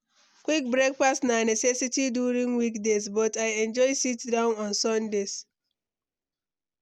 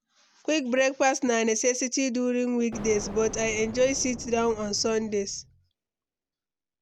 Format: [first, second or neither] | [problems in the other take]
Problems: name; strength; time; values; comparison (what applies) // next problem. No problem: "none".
first | background sound (Explosion); 14 dB below the speech